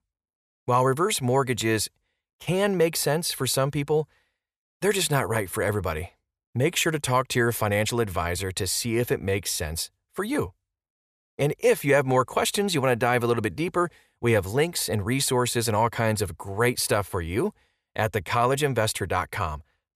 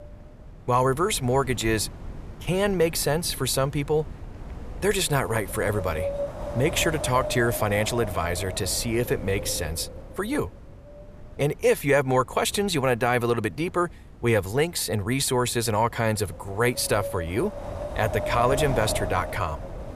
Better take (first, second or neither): first